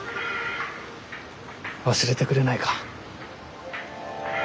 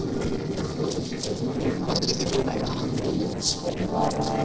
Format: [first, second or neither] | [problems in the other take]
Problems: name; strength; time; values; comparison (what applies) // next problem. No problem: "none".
first | noise reduction (neural separator model SepFormer DNS4)